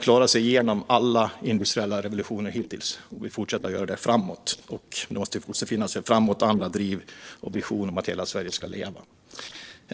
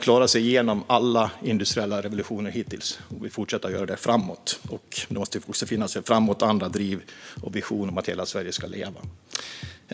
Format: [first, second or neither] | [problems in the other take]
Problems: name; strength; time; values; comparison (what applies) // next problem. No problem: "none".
second | noise reduction (neural separator model SepFormer DNS4)